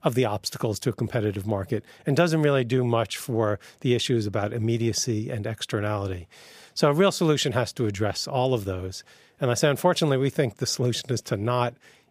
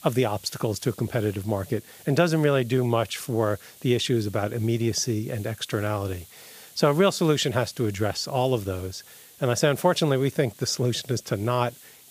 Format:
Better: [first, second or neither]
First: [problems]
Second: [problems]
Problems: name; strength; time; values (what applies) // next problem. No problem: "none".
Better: first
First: none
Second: hiss; faint; throughout; 20 dB below the speech